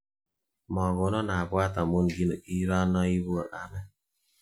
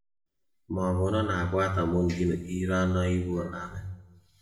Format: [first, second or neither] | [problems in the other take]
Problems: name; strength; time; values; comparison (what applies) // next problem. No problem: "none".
first | room echo; dies away in 0.7 s